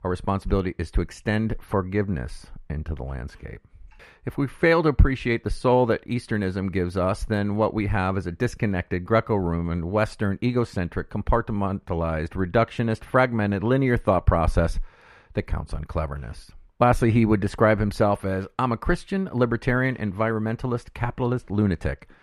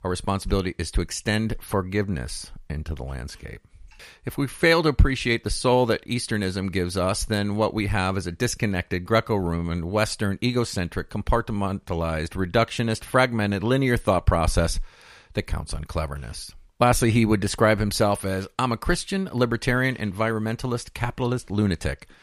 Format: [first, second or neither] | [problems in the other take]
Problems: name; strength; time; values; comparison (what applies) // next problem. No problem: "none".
second | muffled; slightly; fading above 3 kHz